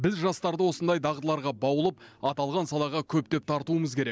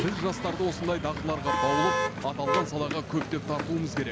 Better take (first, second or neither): first